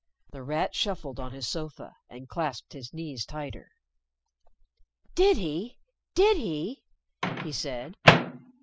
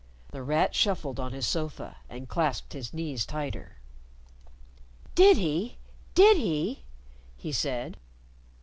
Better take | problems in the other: second | noise reduction (classical method spectral subtraction)

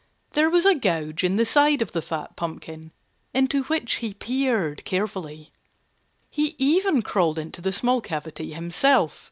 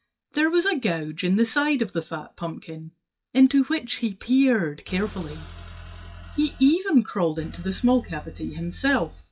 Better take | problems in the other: first | noise reduction (classical method WPE with log-MMSE)

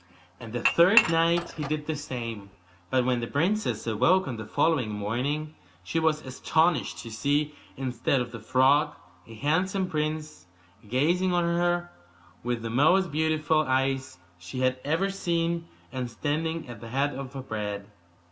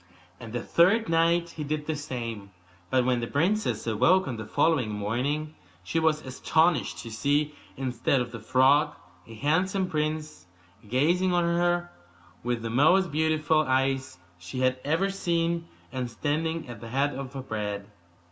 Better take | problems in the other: second | background sound (Dishes, pots, and pans / Chink, clink); 4 dB below the speech

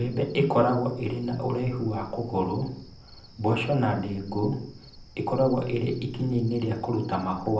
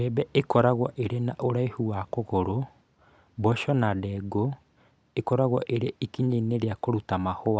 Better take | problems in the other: second | background sound (Cricket); 20 dB below the speech // room echo; dies away in 0.6 s

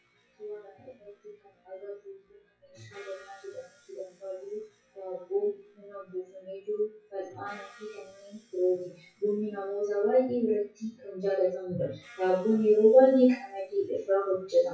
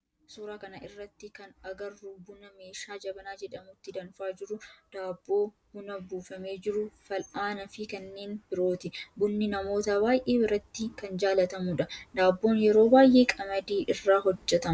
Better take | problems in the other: second | noise reduction (classical method WPE with log-MMSE)

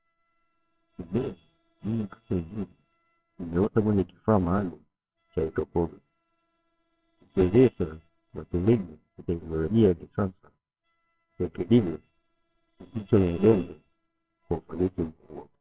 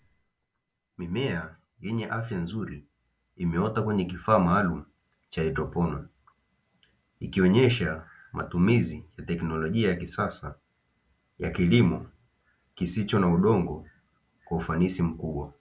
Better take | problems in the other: second | noise reduction (neural separator model SepFormer WHAMR!)

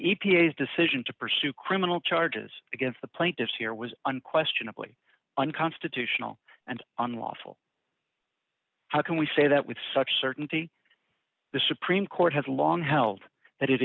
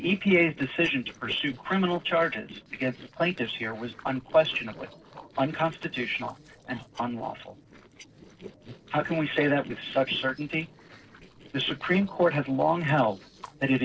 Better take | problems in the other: first | noise reduction (neural separator model SepFormer DNS4)

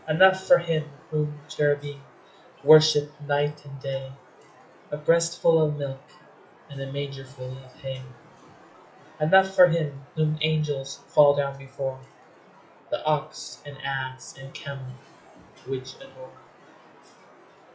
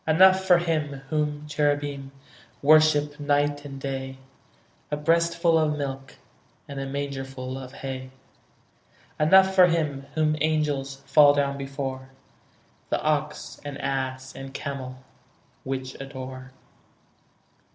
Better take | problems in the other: second | noise reduction (classical method WPE with log-MMSE)

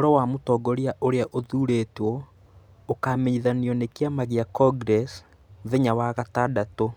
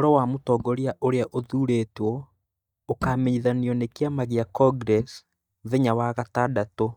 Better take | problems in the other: first | noise reduction (neural mask model DeepFilterNet 3)

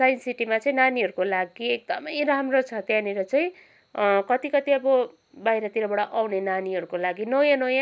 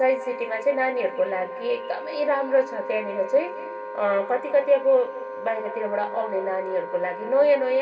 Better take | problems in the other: first | background sound (Wind instrument, woodwind instrument); 11 dB below the speech // room echo; dies away in 1.8 s

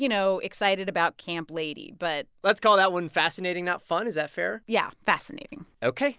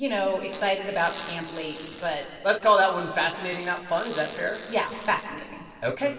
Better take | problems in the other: first | background sound (Fart); 19 dB below the speech // room echo; dies away in 2.4 s

